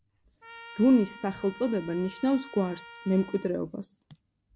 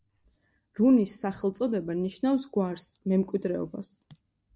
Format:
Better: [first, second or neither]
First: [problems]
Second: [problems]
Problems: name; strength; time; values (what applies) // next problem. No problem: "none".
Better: second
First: background sound (Trumpet); 19 dB below the speech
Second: none